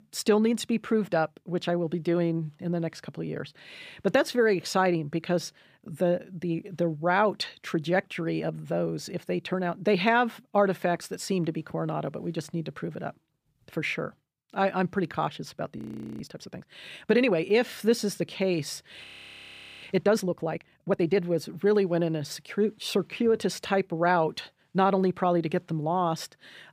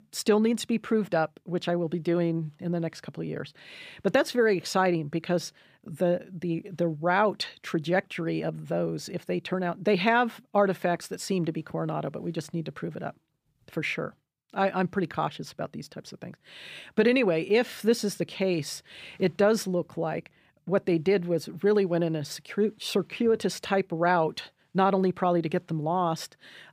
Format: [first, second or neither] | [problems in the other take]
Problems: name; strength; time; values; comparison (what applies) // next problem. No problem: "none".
second | audio freezing; at 16 s and at 19 s for 1 s